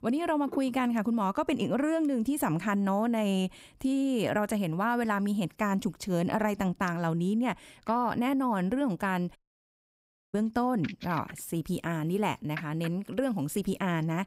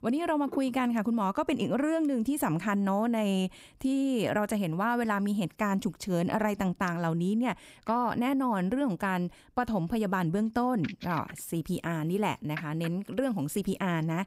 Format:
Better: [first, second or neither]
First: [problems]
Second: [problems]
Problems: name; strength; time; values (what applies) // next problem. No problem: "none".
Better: second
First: audio cutting out; at 9.5 s for 1 s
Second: none